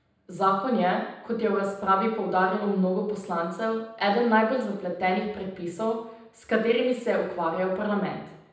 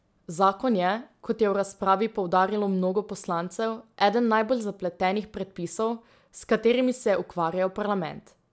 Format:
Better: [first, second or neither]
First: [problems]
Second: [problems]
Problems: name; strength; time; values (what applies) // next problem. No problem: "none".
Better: second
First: room echo; dies away in 0.8 s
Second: none